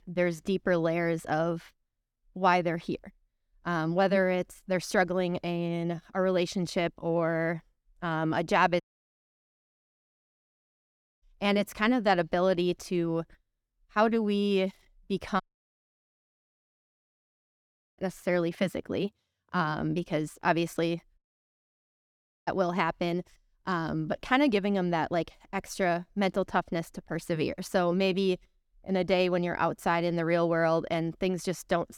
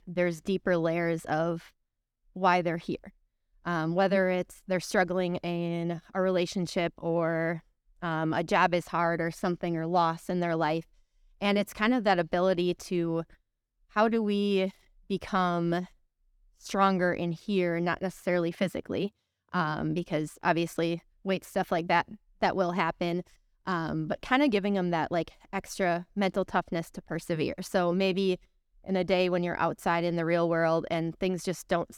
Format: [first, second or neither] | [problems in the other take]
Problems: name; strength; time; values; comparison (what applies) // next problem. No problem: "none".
second | audio cutting out; at 9 s for 2.5 s, at 15 s for 2.5 s and at 21 s for 1.5 s